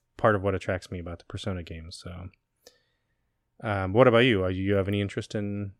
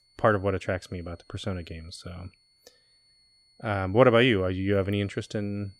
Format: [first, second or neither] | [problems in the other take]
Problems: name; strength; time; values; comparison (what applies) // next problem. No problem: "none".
first | high-pitched whine; faint; throughout; 4.5 kHz, 35 dB below the speech